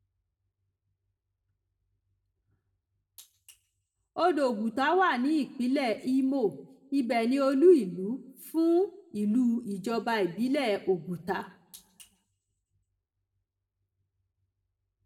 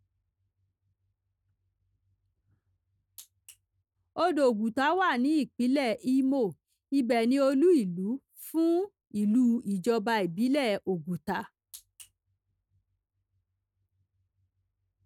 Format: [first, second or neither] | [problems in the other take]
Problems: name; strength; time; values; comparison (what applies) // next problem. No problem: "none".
second | room echo; dies away in 0.7 s